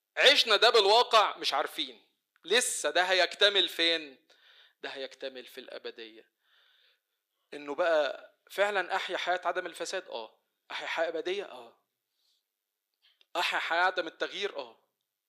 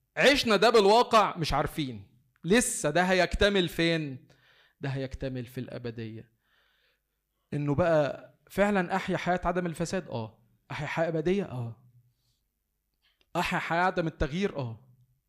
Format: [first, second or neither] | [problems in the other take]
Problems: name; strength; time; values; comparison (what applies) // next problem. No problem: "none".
second | thin; very; fading below 400 Hz